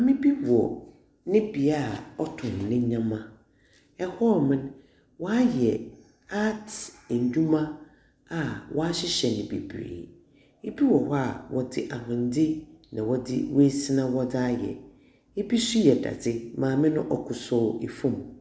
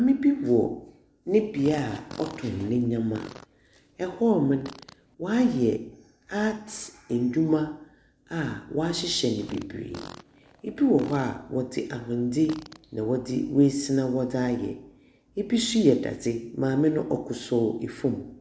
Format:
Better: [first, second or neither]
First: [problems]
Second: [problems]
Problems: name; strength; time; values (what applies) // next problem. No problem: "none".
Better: first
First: none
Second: background sound (Fart); 19 dB below the speech